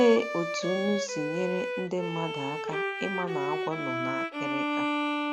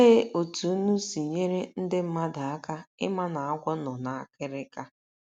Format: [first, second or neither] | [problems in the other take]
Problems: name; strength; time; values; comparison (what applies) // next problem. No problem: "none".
second | background sound (Bowed string instrument); 1 dB below the speech